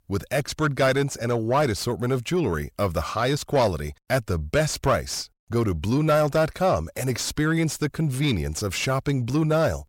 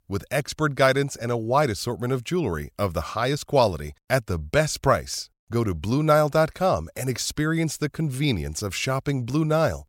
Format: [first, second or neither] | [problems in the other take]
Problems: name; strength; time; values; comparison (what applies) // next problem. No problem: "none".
second | distortion; slight; 10 dB below the speech